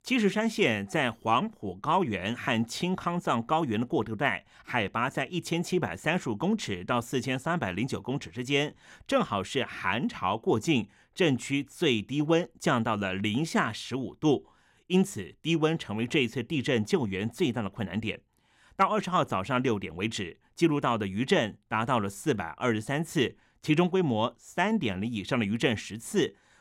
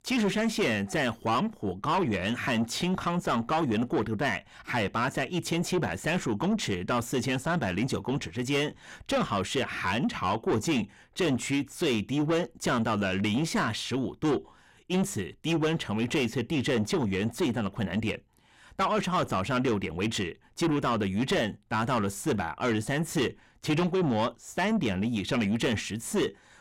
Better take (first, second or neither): first